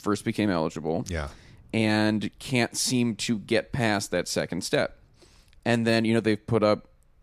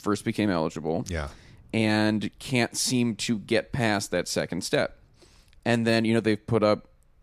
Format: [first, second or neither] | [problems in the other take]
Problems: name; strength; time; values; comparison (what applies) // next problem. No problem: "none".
neither | none